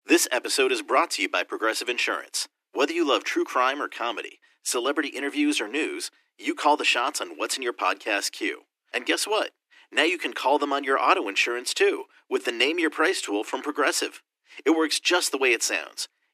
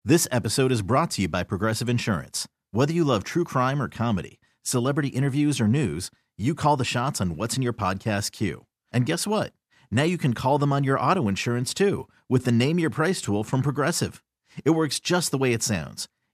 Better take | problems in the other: second | thin; somewhat; fading below 300 Hz

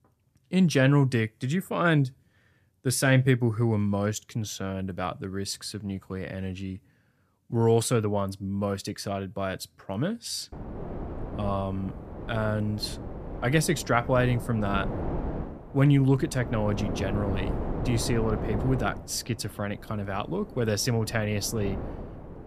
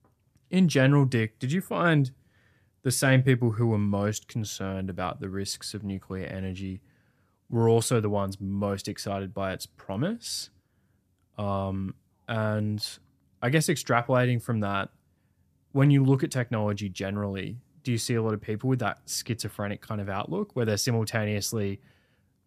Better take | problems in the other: second | wind noise on the microphone; heavy; from 11 s on; 10 dB below the speech

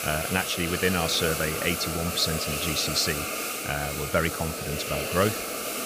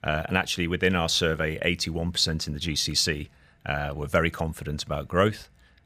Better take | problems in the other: second | hiss; loud; throughout; 2 dB below the speech

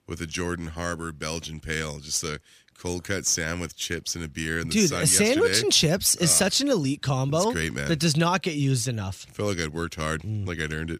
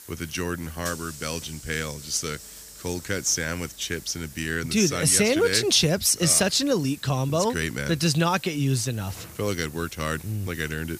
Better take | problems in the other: first | hiss; noticeable; throughout; 20 dB below the speech

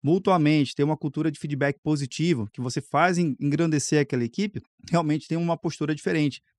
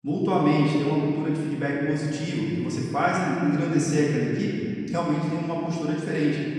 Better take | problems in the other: first | off-mic speech; far // room echo; strong; dies away in 2.3 s

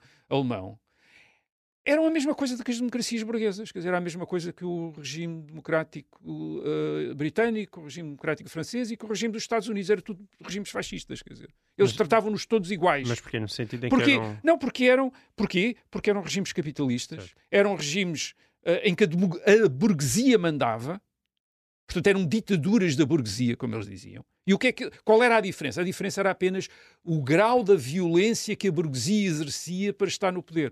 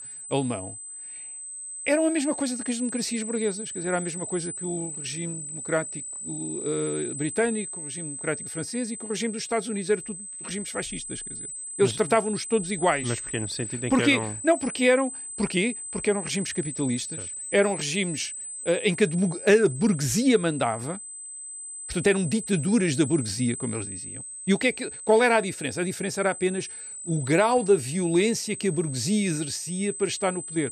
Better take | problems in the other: first | high-pitched whine; loud; throughout; 8 kHz, 8 dB below the speech

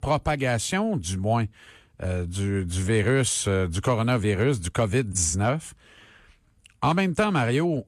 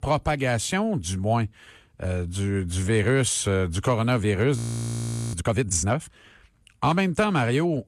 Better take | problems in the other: first | audio freezing; at 4.5 s for 1 s

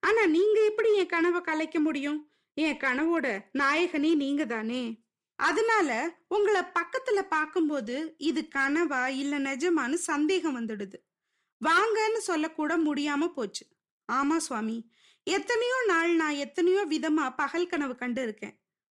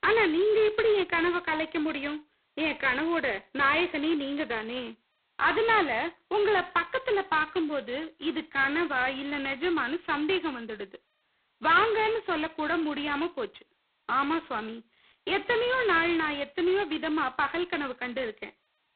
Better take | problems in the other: first | phone-call audio; poor line; nothing above 4 kHz

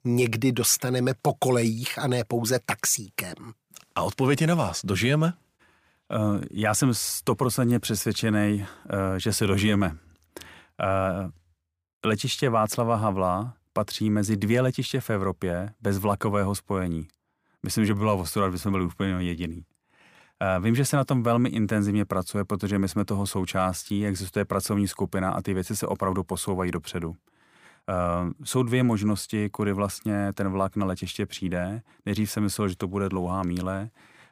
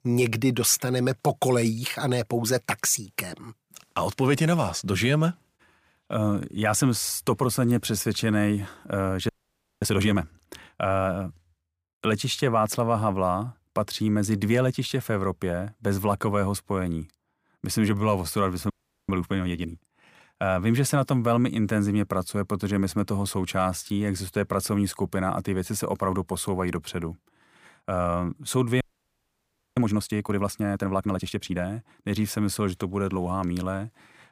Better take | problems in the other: first | audio freezing; at 9.5 s for 0.5 s, at 19 s and at 29 s for 1 s

